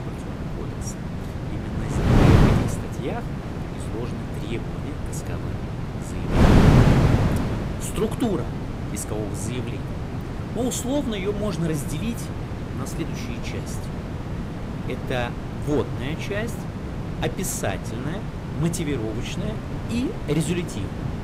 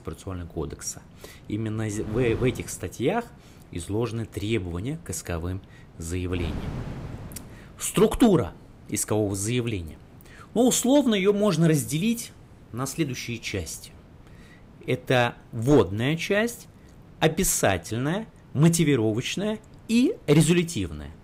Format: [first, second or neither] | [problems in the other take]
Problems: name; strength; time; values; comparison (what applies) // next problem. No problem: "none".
second | wind noise on the microphone; heavy; 1 dB above the speech; occasional gusts in the second